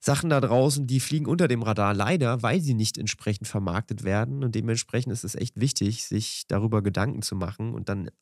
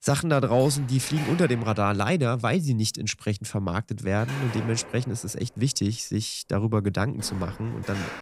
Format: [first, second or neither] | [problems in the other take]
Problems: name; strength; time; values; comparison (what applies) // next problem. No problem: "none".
first | door banging; noticeable; peak 9 dB below the speech